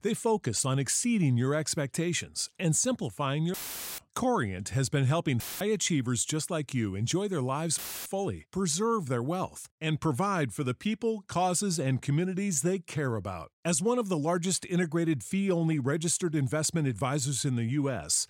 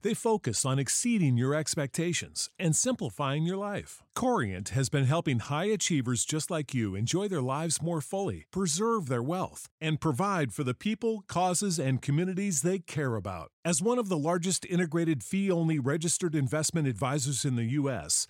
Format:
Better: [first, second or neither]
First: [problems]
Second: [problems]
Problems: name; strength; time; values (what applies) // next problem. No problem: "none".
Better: second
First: audio cutting out; filled with static; at 3.5 s, at 5.5 s and at 8 s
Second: none